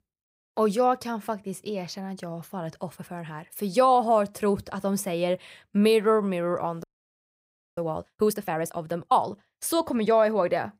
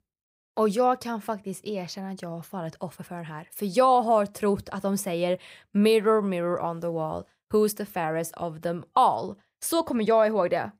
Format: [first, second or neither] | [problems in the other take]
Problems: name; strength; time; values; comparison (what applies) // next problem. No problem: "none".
second | audio freezing; at 7 s for 1 s